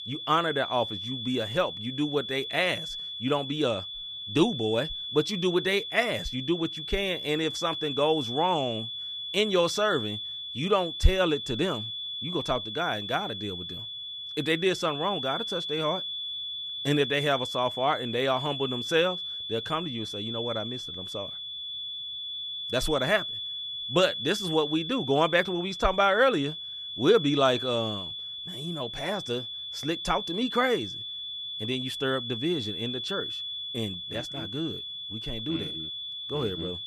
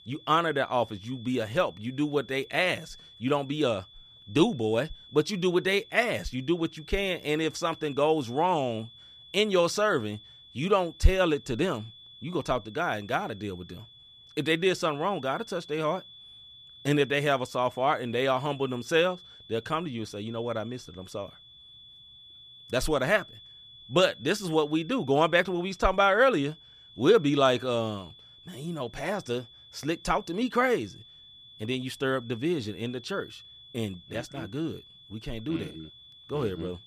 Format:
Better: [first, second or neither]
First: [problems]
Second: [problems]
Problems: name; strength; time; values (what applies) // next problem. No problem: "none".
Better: second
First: high-pitched whine; loud; throughout; 3.5 kHz, 5 dB below the speech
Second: high-pitched whine; faint; throughout; 3.5 kHz, 20 dB below the speech